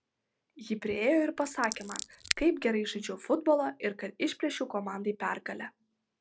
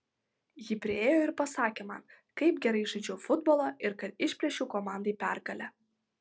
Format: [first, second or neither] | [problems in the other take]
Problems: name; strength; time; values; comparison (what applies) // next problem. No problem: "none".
second | background sound (Scissors); 7 dB below the speech